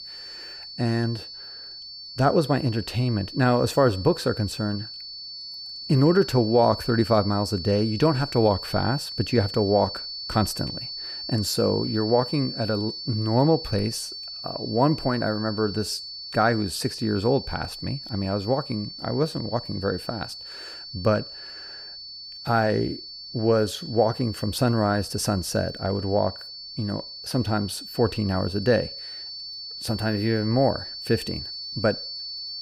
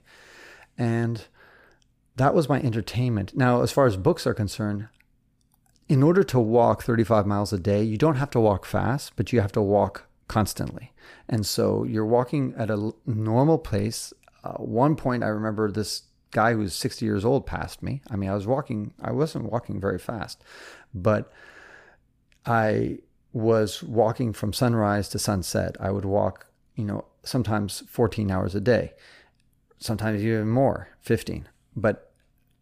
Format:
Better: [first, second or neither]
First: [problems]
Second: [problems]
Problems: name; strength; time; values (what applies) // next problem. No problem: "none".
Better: second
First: high-pitched whine; loud; throughout; 4.5 kHz, 10 dB below the speech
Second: none